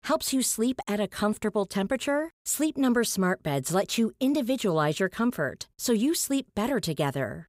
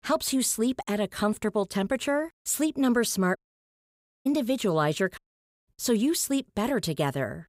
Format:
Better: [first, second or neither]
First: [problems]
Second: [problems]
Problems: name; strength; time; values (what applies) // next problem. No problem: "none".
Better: first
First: none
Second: audio cutting out; at 3.5 s for 1 s and at 5 s